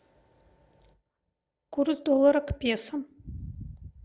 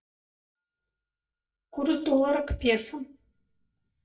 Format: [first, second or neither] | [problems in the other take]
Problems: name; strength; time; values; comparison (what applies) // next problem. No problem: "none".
first | noise reduction (neural mask model DeepFilterNet 3)